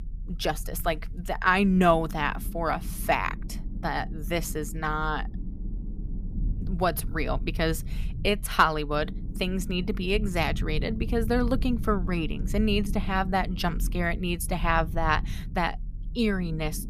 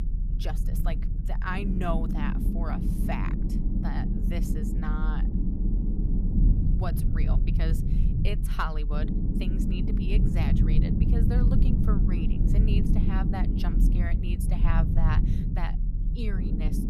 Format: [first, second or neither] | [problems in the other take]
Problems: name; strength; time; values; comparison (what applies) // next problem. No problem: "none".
first | low rumble; loud; throughout; 1 dB below the speech; faint in the first